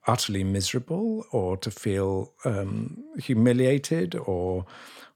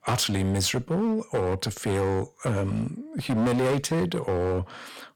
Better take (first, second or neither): first